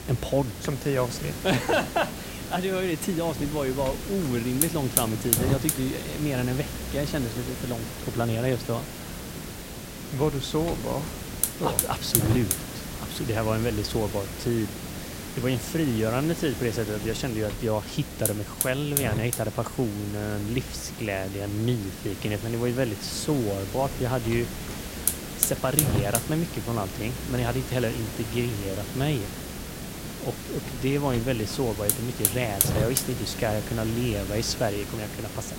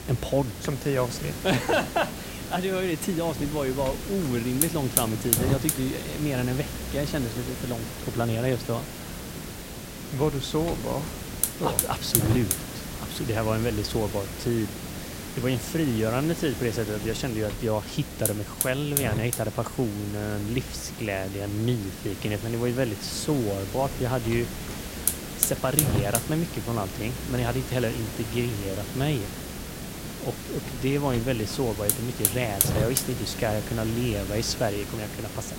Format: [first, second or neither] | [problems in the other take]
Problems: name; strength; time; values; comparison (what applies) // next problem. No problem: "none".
neither | hiss; loud; throughout; 3 dB below the speech; the same in both